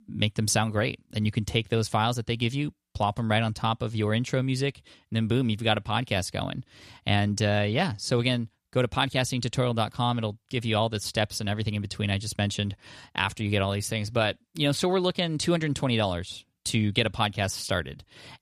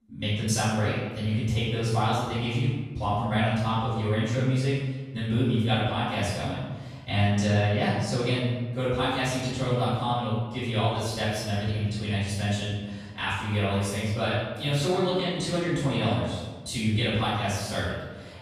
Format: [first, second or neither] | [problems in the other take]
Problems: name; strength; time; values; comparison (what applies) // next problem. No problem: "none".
first | off-mic speech; far // room echo; strong; dies away in 1.1 s